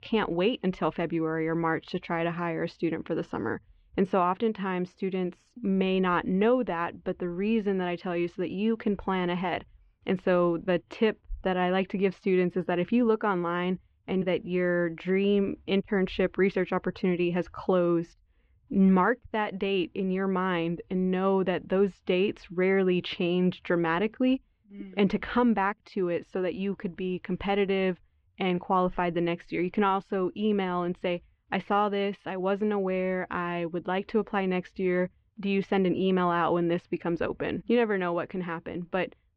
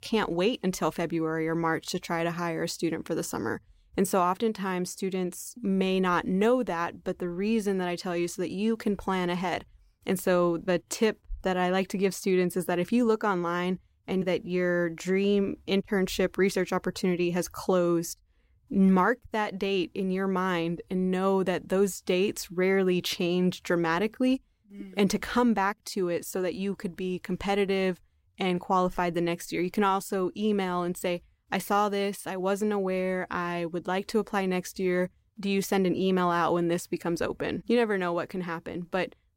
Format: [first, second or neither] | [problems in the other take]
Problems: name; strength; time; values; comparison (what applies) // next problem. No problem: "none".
second | muffled; very; fading above 3 kHz